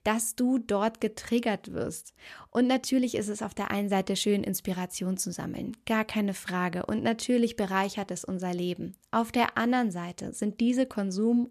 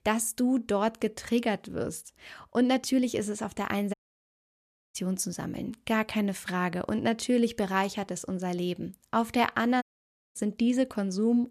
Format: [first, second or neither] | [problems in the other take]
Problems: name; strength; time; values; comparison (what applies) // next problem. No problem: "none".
first | audio cutting out; at 4 s for 1 s and at 10 s for 0.5 s